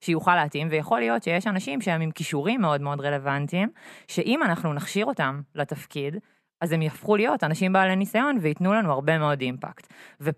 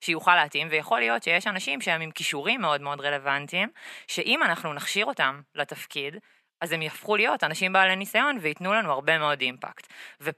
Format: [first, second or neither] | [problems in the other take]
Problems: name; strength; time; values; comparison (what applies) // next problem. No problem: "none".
first | thin; somewhat; fading below 900 Hz